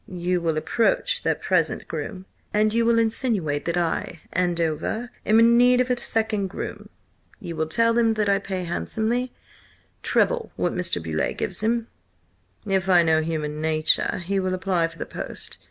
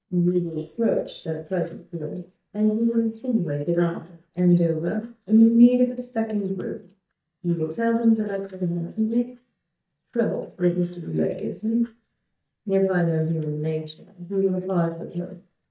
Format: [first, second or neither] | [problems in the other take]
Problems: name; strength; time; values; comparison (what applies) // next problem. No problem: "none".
first | noise reduction (neural mask model DeepFilterNet 3)